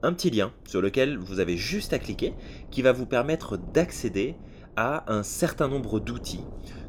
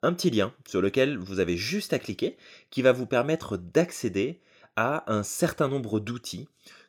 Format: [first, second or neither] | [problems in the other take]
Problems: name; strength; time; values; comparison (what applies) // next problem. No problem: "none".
second | wind noise on the microphone; occasional gusts; 20 dB below the speech